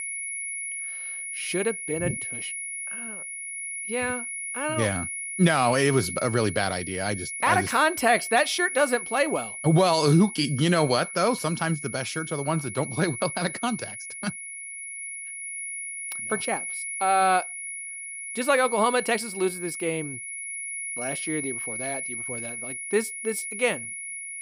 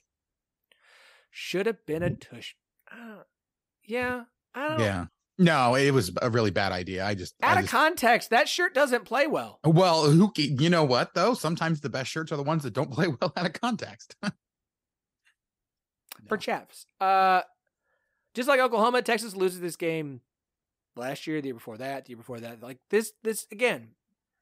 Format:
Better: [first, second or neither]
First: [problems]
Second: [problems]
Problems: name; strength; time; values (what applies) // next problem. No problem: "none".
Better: second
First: high-pitched whine; loud; throughout; 2 kHz, 7 dB below the speech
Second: none